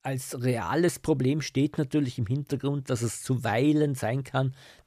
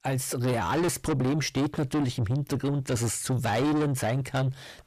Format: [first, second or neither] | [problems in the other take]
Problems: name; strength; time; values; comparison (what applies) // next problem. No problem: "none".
first | distortion; heavy; 7 dB below the speech